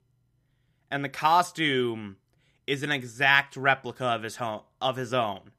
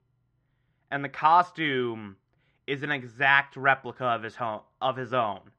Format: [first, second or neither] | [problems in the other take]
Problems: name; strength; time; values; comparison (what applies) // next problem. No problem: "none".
first | muffled; slightly; fading above 3 kHz